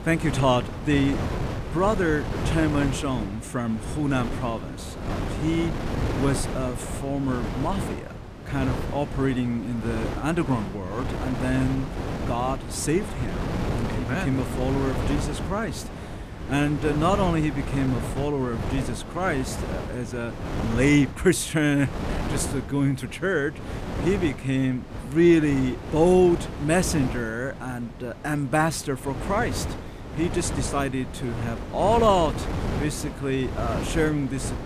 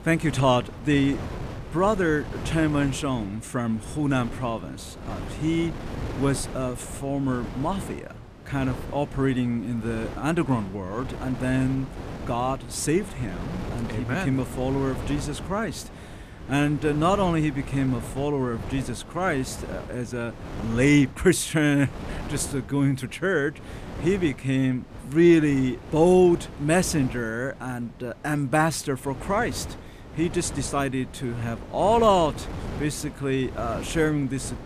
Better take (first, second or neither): second